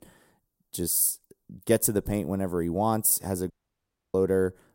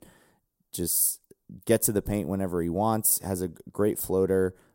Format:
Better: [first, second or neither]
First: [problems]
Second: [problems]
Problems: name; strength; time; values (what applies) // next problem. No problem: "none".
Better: second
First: audio cutting out; at 3.5 s for 0.5 s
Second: none